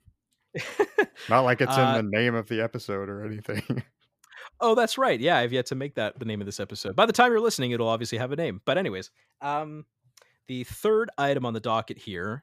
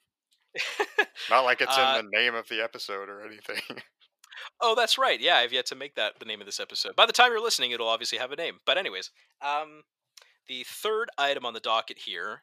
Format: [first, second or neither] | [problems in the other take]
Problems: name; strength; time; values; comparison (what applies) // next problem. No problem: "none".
first | thin; very; fading below 600 Hz